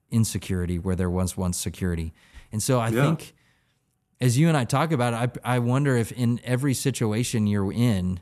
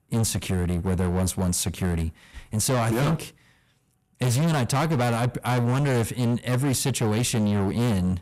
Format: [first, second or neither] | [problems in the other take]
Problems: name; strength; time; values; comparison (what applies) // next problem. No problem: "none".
first | distortion; heavy; 23% of the sound clipped